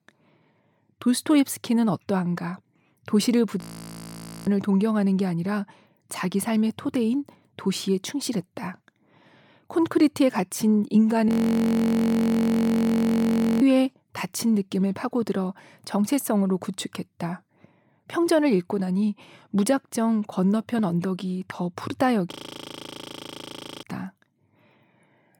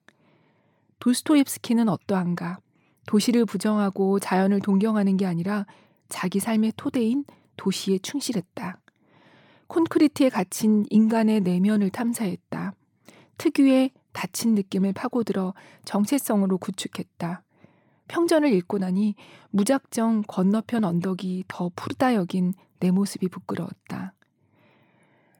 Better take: second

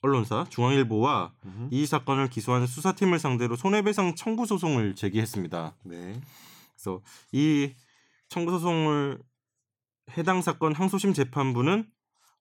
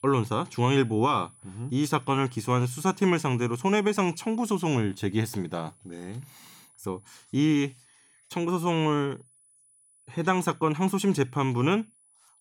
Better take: first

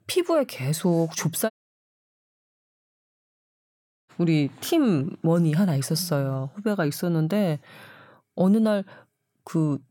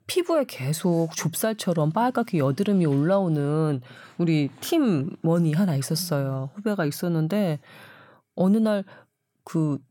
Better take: second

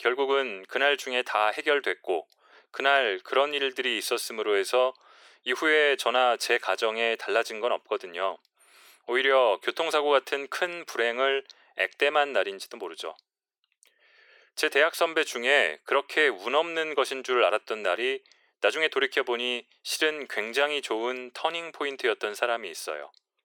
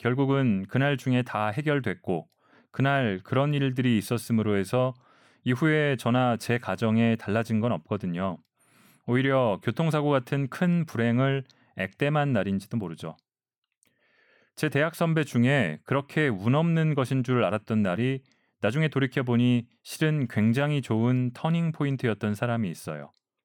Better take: second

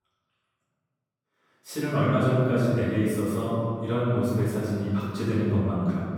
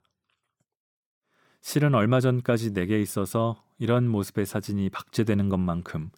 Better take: second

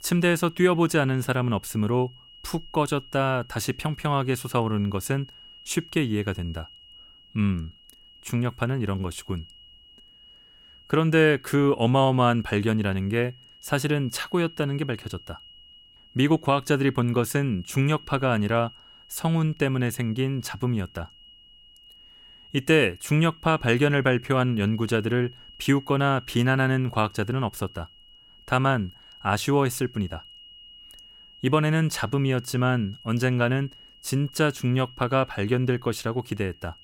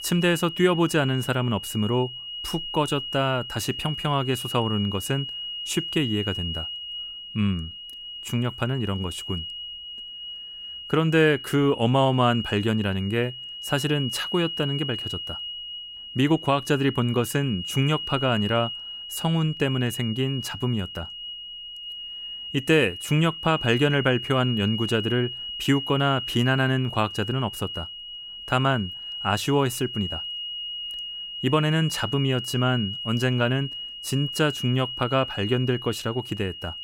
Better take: first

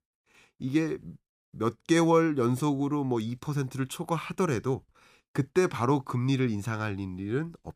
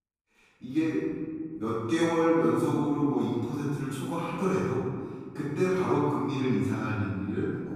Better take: first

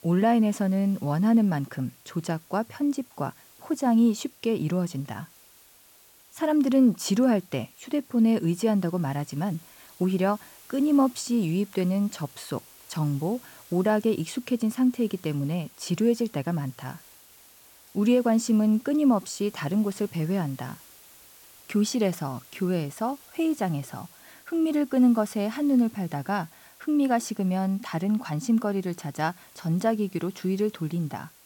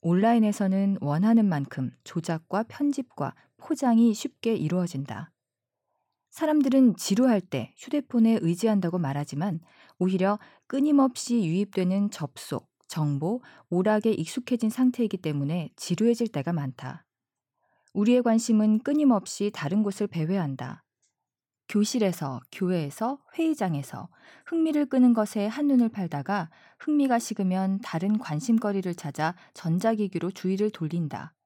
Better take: second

